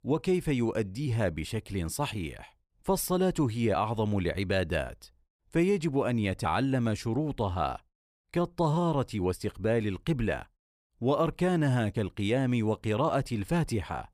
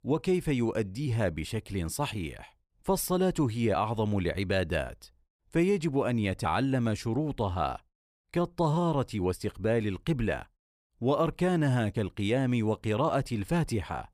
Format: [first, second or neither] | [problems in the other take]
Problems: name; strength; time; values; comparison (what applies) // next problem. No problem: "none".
neither | none